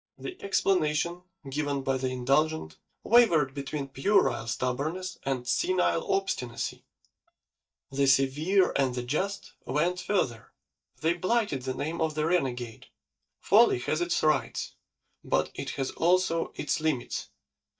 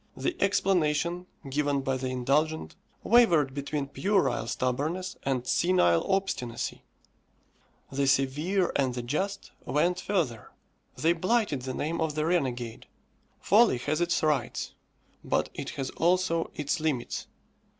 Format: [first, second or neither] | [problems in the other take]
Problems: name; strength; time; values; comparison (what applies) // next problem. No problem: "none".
second | noise reduction (neural mask model DeepFilterNet 3)